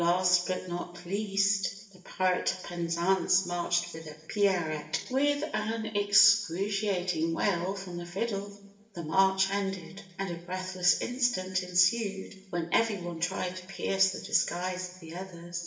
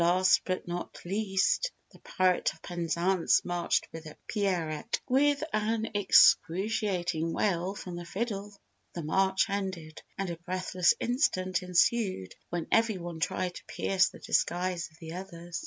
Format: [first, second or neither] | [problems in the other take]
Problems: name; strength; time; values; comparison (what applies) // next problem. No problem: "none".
second | room echo; dies away in 0.9 s